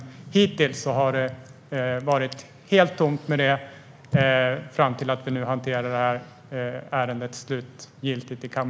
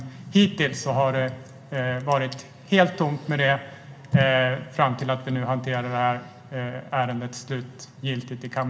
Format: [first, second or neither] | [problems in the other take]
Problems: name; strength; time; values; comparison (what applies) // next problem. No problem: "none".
first | room echo; dies away in 2 s